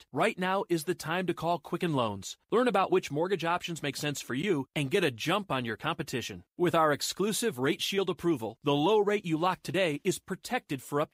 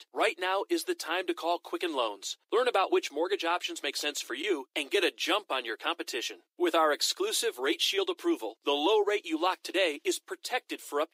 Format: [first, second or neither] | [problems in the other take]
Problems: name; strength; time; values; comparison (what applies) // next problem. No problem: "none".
first | thin; somewhat; fading below 300 Hz